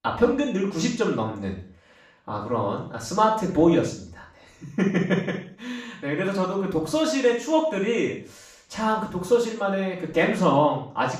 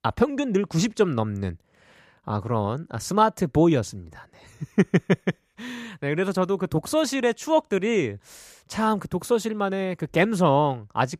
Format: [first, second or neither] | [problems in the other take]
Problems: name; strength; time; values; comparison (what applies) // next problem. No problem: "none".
second | room echo; noticeable; dies away in 0.5 s // off-mic speech; far